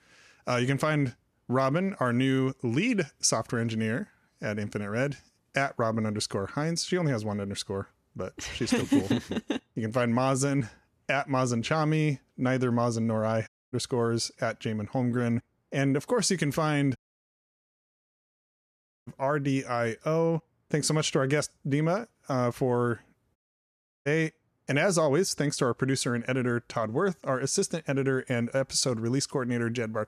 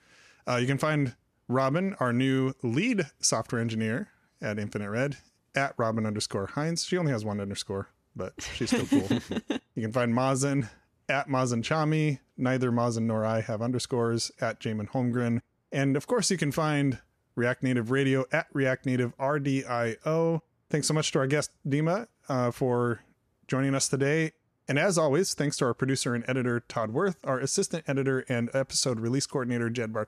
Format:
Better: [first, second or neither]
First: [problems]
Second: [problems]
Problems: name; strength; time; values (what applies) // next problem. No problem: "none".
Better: second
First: audio cutting out; at 13 s, at 17 s for 2 s and at 23 s for 0.5 s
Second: none